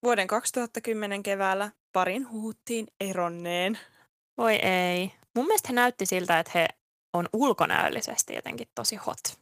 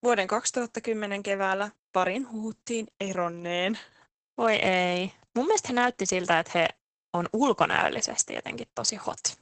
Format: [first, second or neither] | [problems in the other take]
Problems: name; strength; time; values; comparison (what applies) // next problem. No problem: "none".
first | garbled, watery; badly; nothing above 8 kHz; slightly in the first